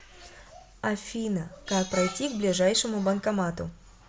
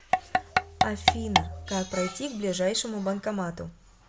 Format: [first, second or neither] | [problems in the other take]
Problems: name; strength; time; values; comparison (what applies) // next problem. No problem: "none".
first | background sound (Tap / Percussion); 3 dB above the speech